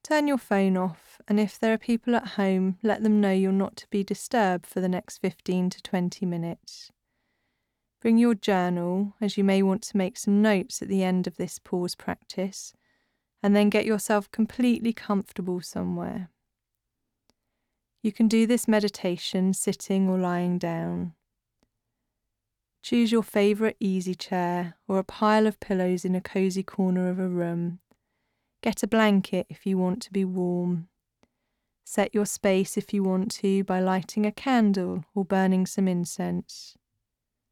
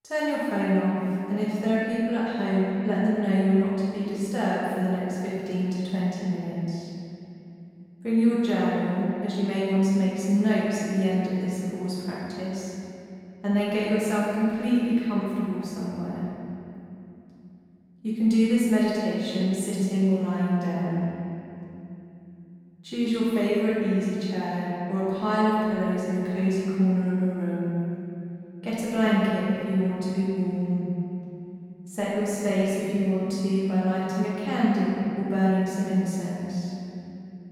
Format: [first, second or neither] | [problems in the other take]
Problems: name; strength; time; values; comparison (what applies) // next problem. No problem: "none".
first | room echo; strong; dies away in 2.9 s // off-mic speech; far